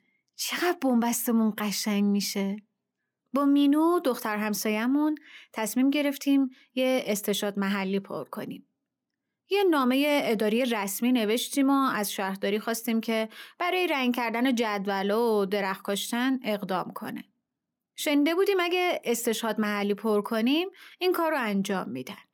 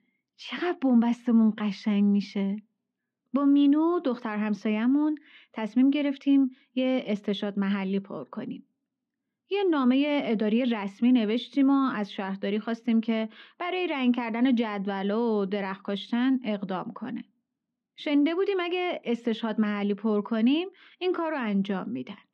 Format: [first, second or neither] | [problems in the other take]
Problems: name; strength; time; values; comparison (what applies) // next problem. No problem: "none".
first | muffled; slightly; fading above 3.5 kHz